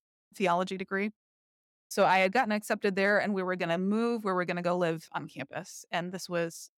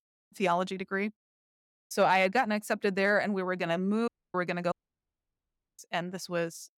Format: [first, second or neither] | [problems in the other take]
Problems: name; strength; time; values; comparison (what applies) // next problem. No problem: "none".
first | audio cutting out; at 4 s and at 4.5 s for 1 s